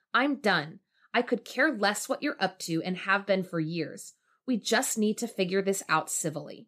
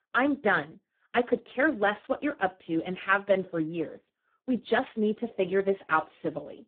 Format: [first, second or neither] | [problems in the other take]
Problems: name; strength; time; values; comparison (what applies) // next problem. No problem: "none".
first | phone-call audio; poor line; nothing above 3.5 kHz